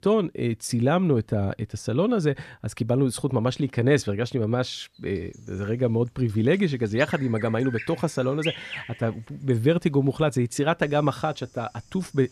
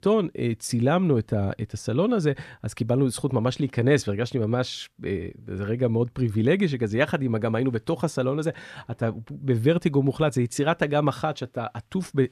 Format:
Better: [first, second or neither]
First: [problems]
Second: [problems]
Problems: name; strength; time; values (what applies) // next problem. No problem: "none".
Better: second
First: animal sounds; noticeable; from 5 s on; 10 dB below the speech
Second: none